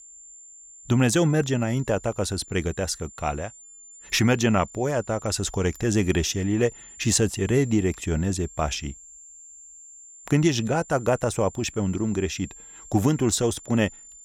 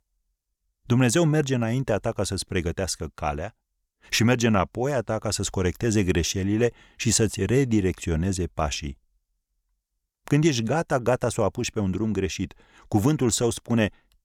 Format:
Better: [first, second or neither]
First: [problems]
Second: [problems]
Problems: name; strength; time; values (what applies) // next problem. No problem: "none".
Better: second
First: high-pitched whine; noticeable; throughout; 7 kHz, 20 dB below the speech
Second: none